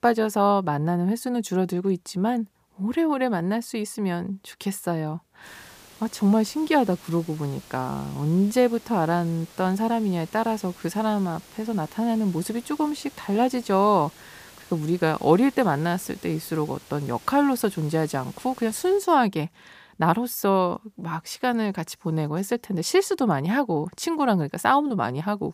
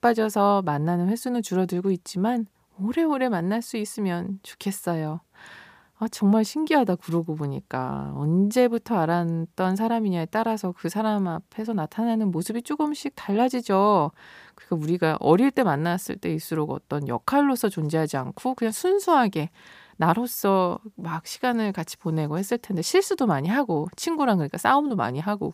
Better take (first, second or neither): second